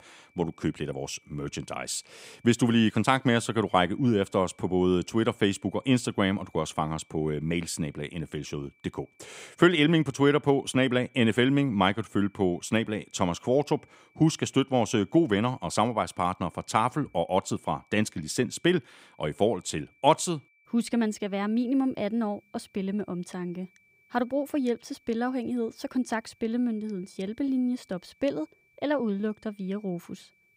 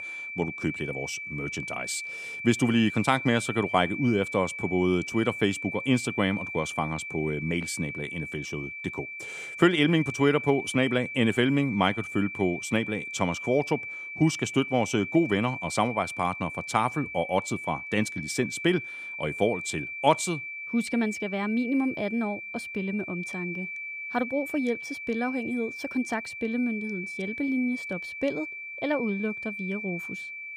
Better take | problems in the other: first | high-pitched whine; loud; throughout; 2.5 kHz, 7 dB below the speech; faint in the first

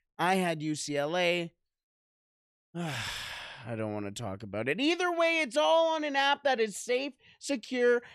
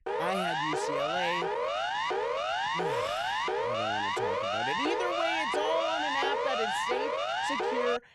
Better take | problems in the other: first | siren; loud; peak 6 dB above the speech

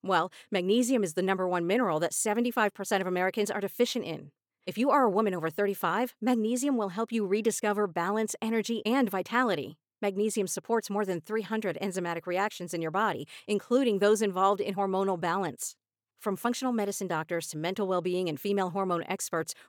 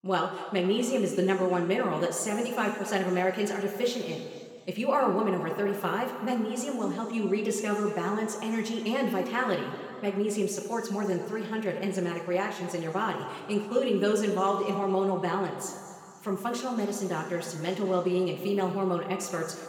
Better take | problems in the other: first | room echo; noticeable; dies away in 2.1 s // off-mic speech; somewhat distant

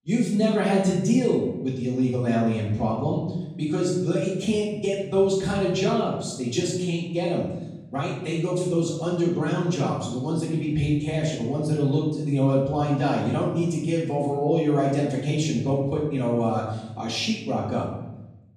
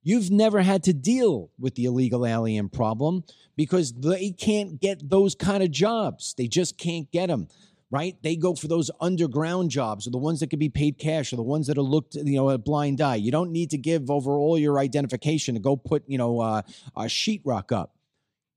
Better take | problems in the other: second | off-mic speech; far // room echo; noticeable; dies away in 0.9 s

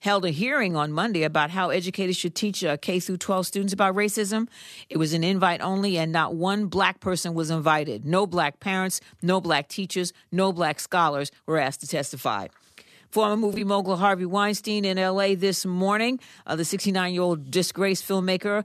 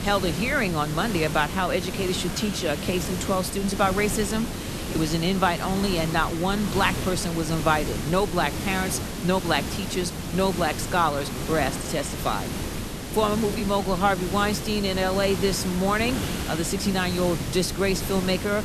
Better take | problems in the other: first | hiss; loud; throughout; 5 dB below the speech

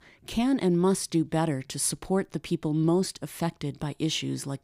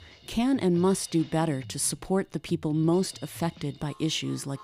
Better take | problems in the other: first | background music; faint; throughout; 20 dB below the speech

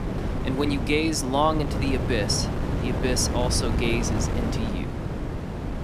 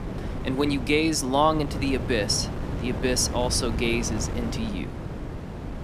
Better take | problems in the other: second | wind noise on the microphone; heavy; 6 dB below the speech; occasional gusts in the second

